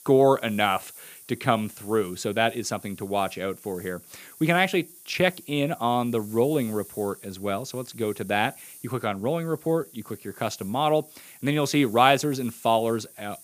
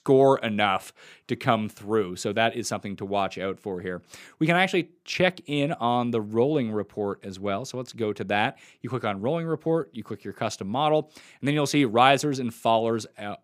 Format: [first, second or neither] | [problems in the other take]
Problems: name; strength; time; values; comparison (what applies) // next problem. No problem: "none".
second | hiss; noticeable; throughout; 20 dB below the speech